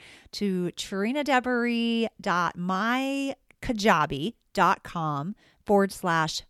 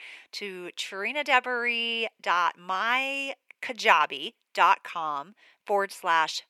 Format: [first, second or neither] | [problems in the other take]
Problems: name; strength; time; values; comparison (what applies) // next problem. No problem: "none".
first | thin; very; fading below 500 Hz